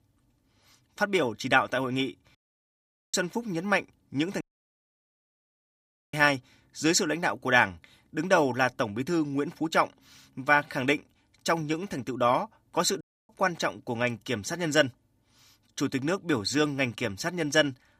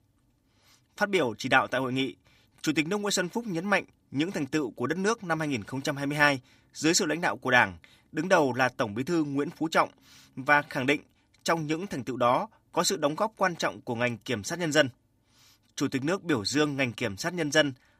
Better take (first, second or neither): second